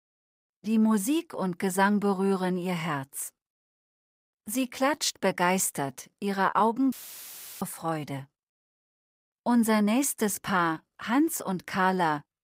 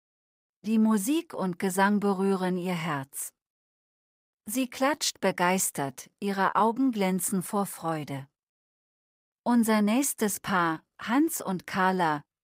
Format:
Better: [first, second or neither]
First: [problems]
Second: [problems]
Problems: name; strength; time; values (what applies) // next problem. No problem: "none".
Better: second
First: audio cutting out; filled with static; at 7 s for 0.5 s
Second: none